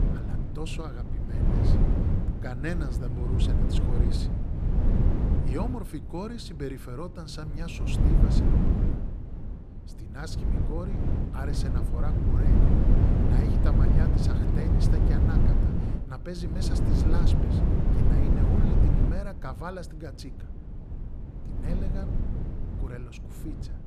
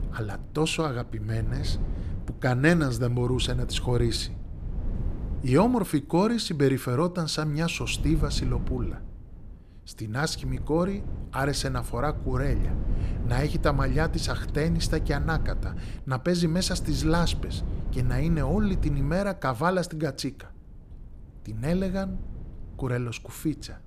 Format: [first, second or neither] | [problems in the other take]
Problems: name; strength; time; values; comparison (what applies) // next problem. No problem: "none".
second | wind noise on the microphone; heavy; 4 dB above the speech; occasional gusts in the second